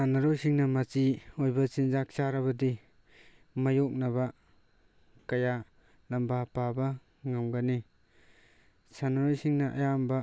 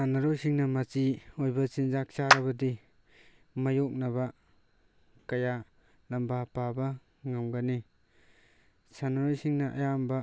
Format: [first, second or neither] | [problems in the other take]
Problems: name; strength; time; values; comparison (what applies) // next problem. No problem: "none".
first | background sound (Clapping); 2 dB above the speech